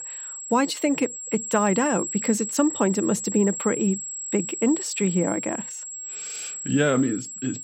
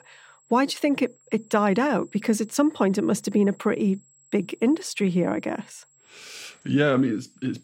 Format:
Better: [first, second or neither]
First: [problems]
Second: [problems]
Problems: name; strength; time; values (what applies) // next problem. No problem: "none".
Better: second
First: high-pitched whine; loud; throughout; 7.5 kHz, 6 dB below the speech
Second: high-pitched whine; faint; throughout; 7.5 kHz, 30 dB below the speech